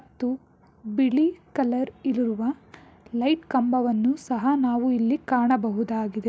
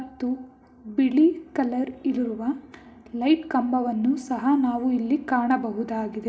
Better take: first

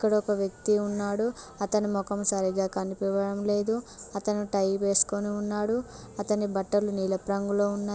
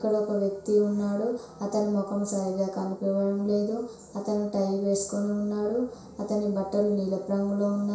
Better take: first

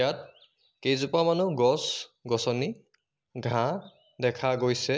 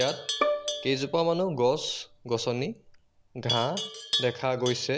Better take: first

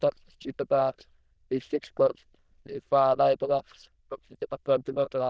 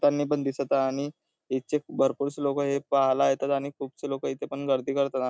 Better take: second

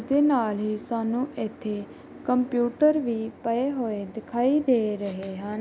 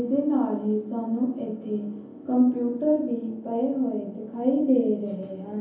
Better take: first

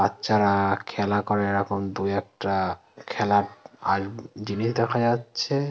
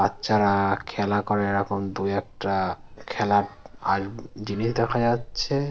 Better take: first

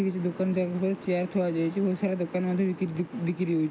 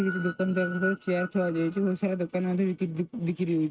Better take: first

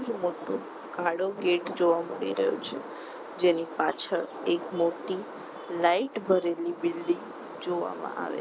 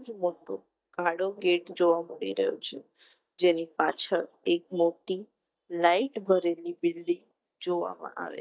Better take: first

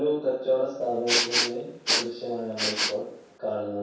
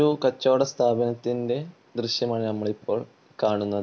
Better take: second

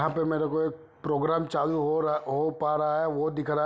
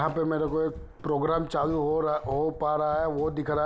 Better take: first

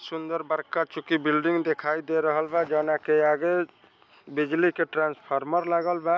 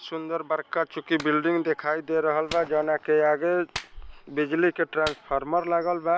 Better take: first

